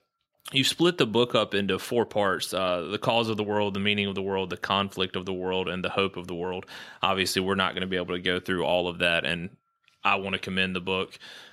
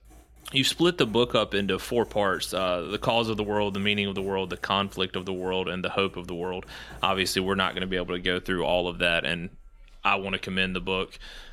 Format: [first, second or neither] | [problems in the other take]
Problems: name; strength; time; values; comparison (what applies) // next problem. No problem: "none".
first | household noises; faint; throughout; 25 dB below the speech